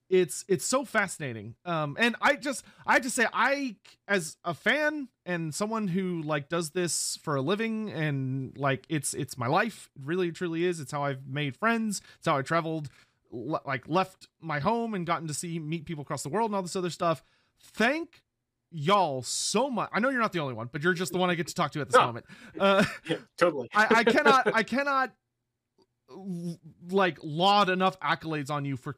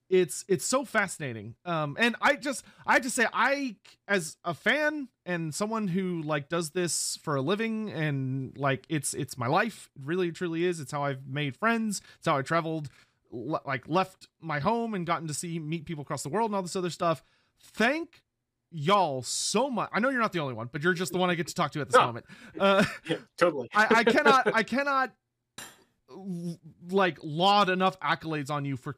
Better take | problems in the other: first | clattering dishes; faint; at 26 s; peak 15 dB below the speech

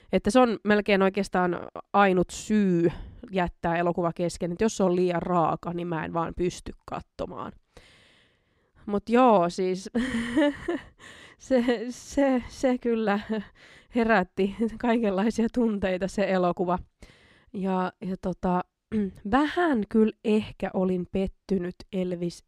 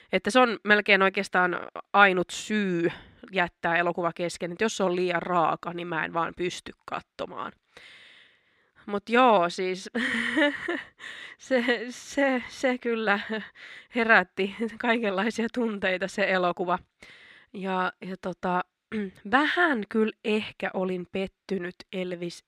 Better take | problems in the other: first | thin; very slightly; fading below 500 Hz

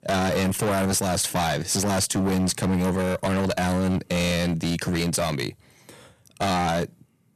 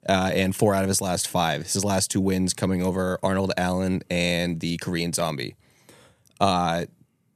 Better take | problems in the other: second | distortion; heavy; 23% of the sound clipped

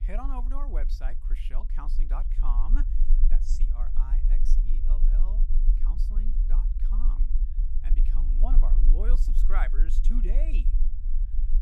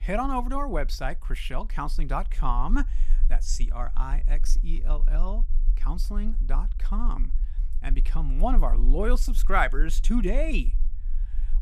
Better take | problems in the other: second | low rumble; loud; throughout; 9 dB below the speech; faint in the second

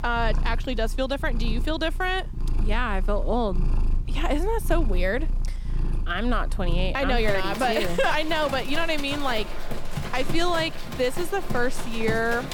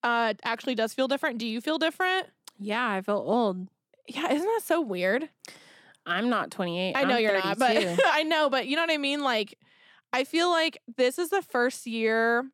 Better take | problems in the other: second | animal sounds; loud; throughout; 5 dB below the speech

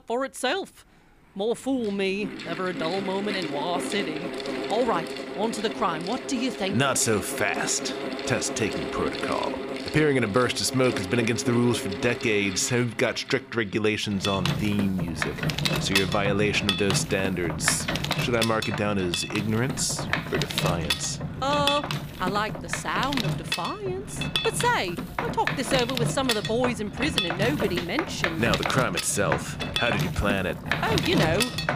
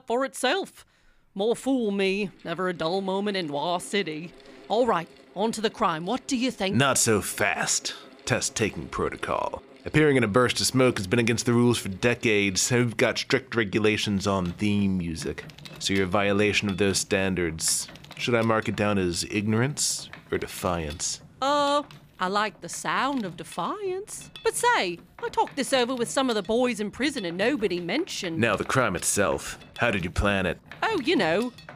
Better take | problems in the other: second | machinery noise; loud; throughout; 3 dB below the speech; faint in the second

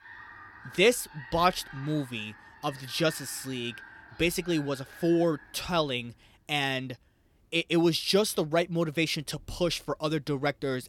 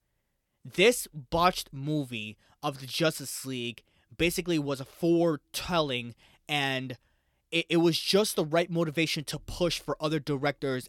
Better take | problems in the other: second | animal sounds; noticeable; throughout; 20 dB below the speech

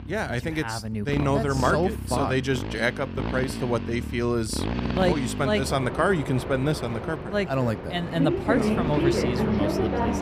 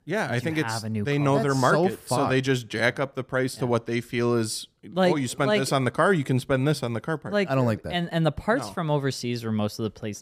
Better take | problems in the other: second | traffic noise; loud; throughout; 3 dB below the speech

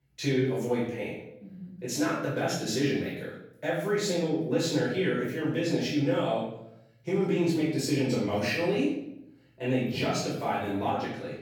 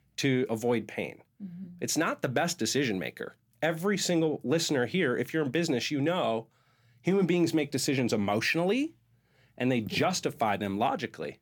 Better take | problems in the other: second | off-mic speech; far // room echo; noticeable; dies away in 0.7 s

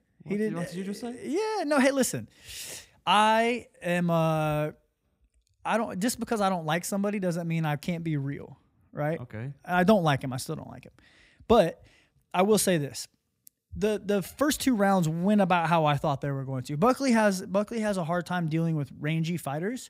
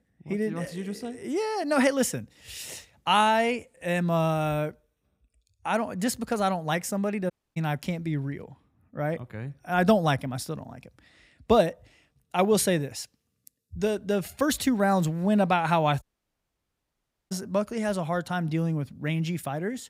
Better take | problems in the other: first | audio cutting out; at 7.5 s and at 16 s for 1.5 s

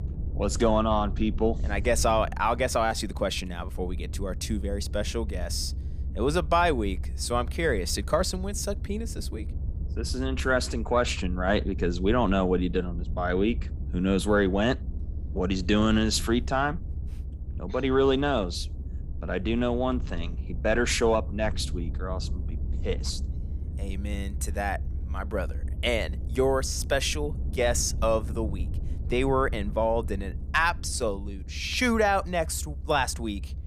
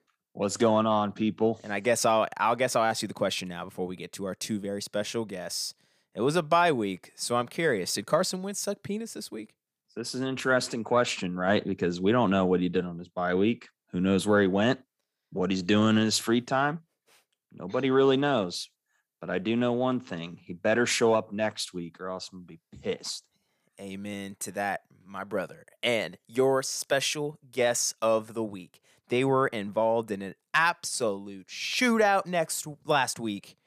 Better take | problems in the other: second | low rumble; faint; throughout; 20 dB below the speech

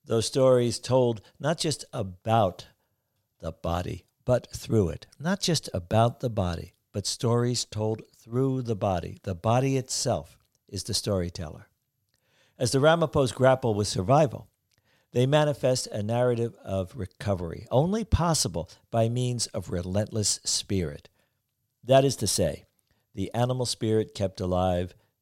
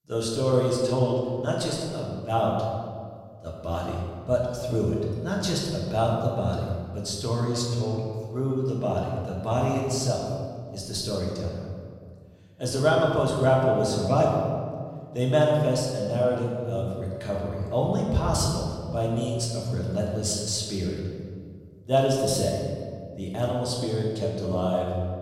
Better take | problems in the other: first | room echo; noticeable; dies away in 1.7 s // off-mic speech; far

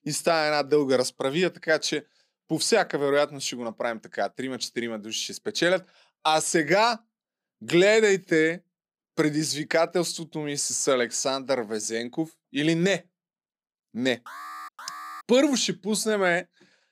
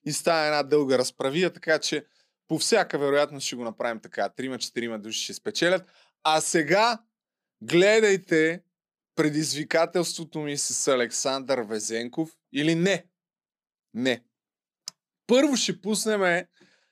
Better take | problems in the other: second | alarm; faint; at 14 s; peak 15 dB below the speech

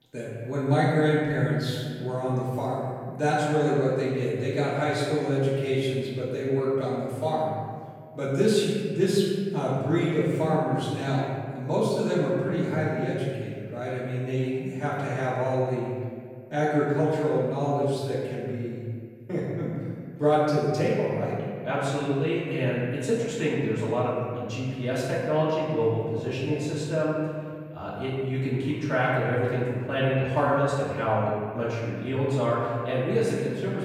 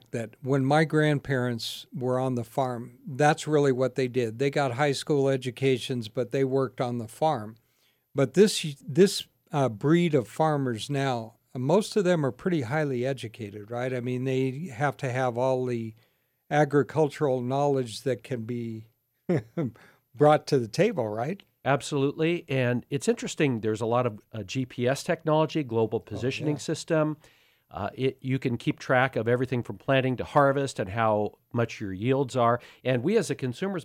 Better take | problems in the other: second | off-mic speech; far // room echo; strong; dies away in 1.8 s

